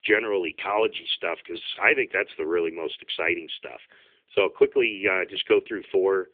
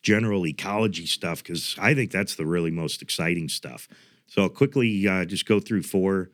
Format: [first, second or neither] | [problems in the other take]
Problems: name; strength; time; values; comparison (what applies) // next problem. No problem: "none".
second | phone-call audio; nothing above 3.5 kHz